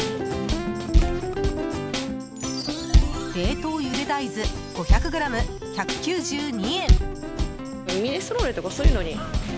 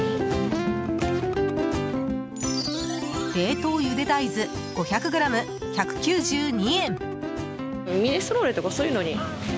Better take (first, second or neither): second